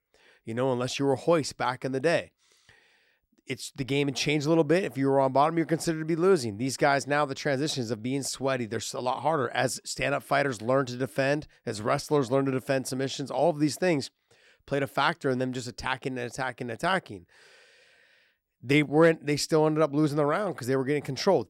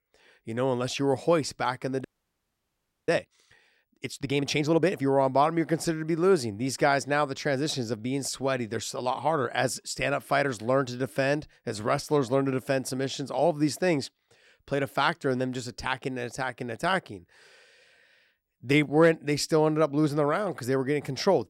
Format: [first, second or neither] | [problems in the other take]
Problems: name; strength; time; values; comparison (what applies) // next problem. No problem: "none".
first | audio freezing; at 2 s for 1 s